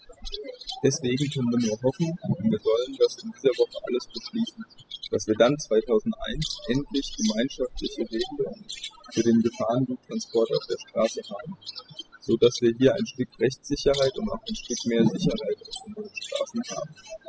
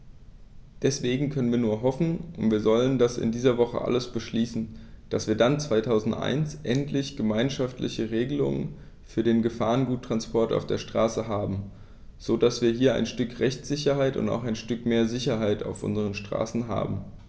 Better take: second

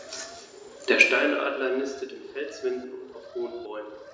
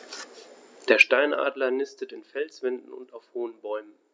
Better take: second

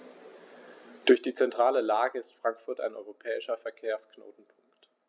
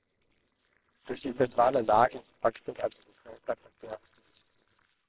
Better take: first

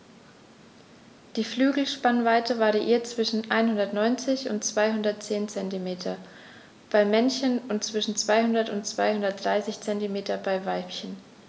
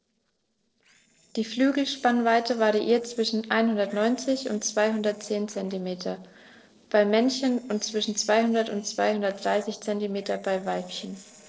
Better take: first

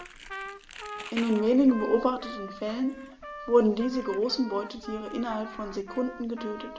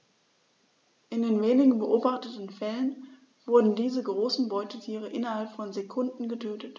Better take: second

